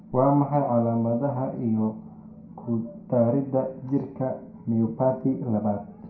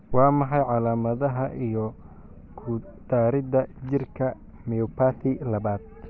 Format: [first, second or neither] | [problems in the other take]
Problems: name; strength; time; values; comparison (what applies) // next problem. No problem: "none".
second | room echo; dies away in 0.5 s